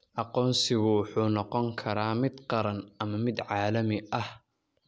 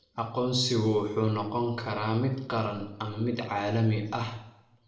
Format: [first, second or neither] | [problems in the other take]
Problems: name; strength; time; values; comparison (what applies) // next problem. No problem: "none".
first | room echo; dies away in 0.7 s